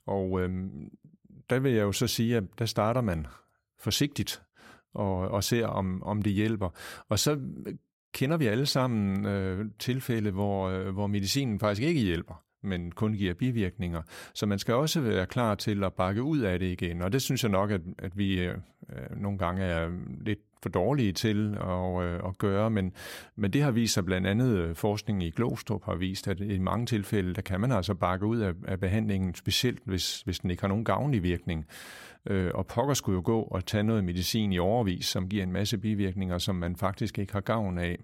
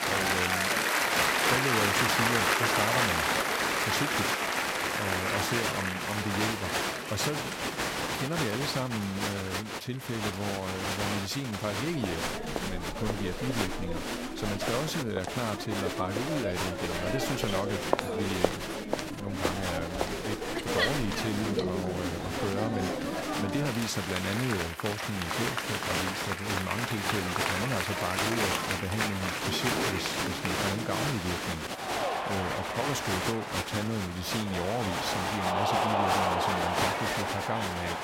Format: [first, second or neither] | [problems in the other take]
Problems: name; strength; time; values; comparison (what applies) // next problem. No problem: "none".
first | crowd noise; very loud; throughout; 5 dB above the speech